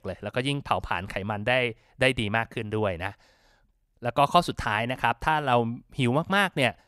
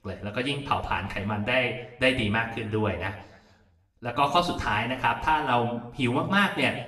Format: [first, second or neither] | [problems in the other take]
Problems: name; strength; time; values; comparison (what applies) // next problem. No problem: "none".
first | room echo; slight; dies away in 0.7 s // off-mic speech; far